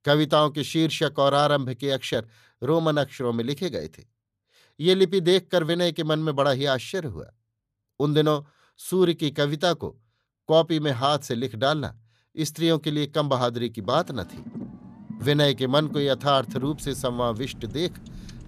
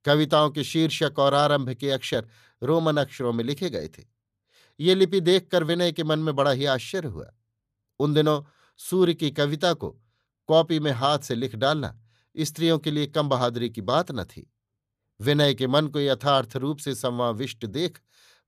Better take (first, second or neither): second